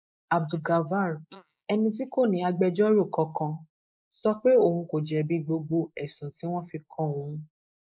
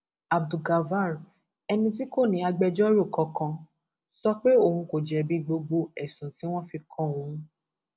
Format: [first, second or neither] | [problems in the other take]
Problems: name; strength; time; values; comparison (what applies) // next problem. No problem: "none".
second | noise reduction (neural mask model Resemble Enhance denoiser)